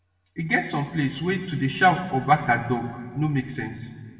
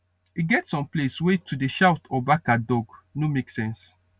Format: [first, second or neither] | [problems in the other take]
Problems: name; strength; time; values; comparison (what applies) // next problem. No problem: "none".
second | room echo; dies away in 1.6 s